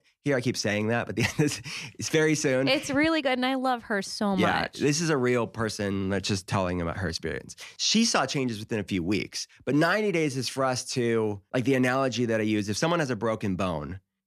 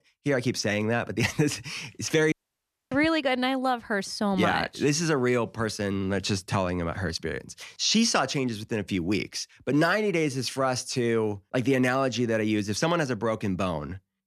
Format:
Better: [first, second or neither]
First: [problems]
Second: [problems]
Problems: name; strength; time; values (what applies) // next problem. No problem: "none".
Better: first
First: none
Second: audio cutting out; at 2.5 s for 0.5 s